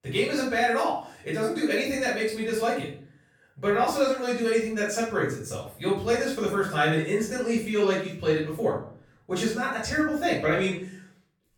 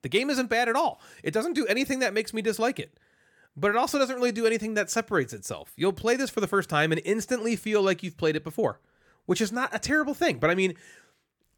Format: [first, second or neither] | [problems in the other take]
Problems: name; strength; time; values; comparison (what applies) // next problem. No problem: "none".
second | off-mic speech; far // room echo; noticeable; dies away in 0.4 s